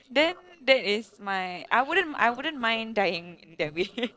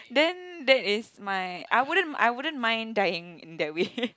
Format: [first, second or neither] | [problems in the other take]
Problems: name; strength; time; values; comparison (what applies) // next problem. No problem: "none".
second | noise reduction (neural separator model SepFormer DNS4)